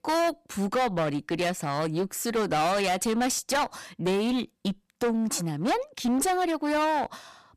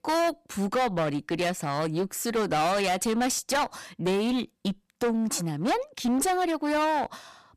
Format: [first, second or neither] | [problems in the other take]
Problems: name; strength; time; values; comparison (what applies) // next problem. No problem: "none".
neither | distortion; heavy; 19% of the sound clipped; the same in both